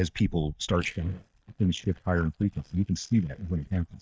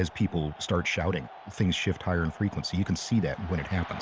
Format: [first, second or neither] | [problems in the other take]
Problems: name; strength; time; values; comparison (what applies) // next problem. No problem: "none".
second | noise reduction (neural mask model DeepFilterNet 3)